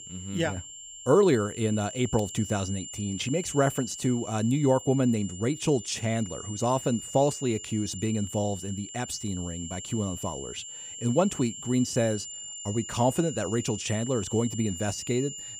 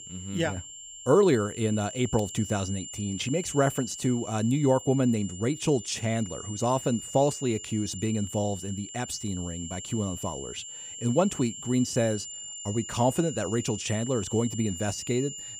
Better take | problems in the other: neither | high-pitched whine; noticeable; throughout; 7.5 kHz, 10 dB below the speech; the same in both

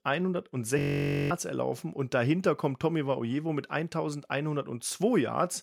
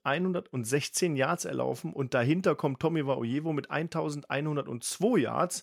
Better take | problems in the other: second | audio freezing; at 1 s for 0.5 s

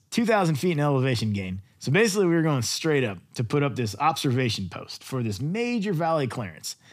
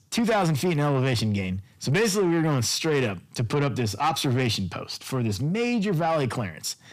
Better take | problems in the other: first | distortion; slight; 10 dB below the speech

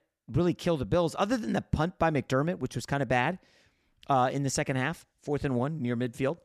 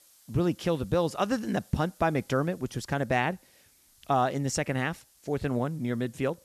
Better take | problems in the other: first | hiss; faint; throughout; 30 dB below the speech

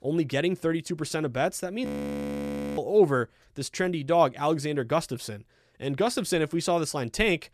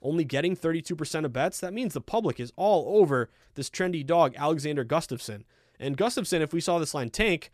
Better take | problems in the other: second | audio freezing; at 2 s for 1 s

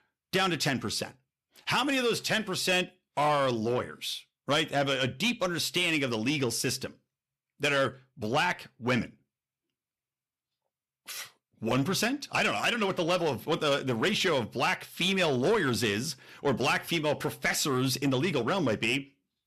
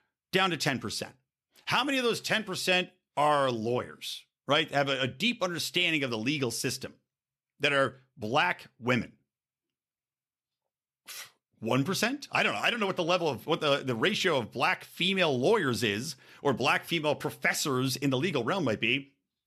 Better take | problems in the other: second | distortion; slight; 10 dB below the speech

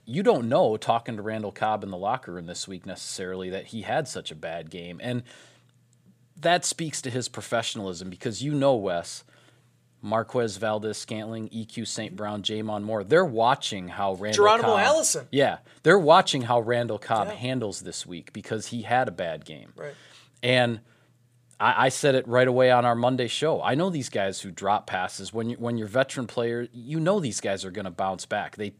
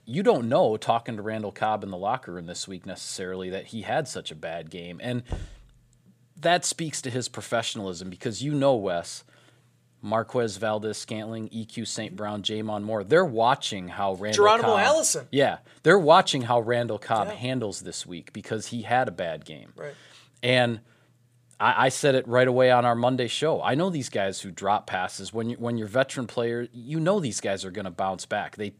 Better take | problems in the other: first | door banging; faint; at 5.5 s; peak 15 dB below the speech

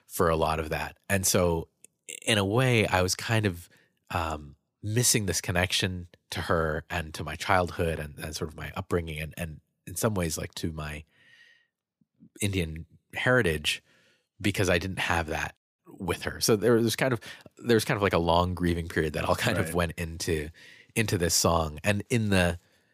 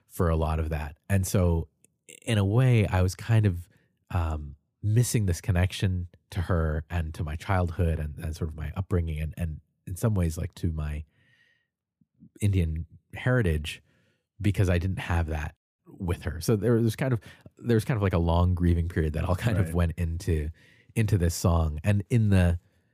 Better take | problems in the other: second | thin; somewhat; fading below 950 Hz

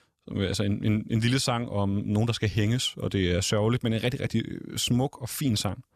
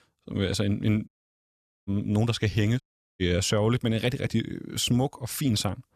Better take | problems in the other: first | audio cutting out; at 1 s for 1 s and at 3 s

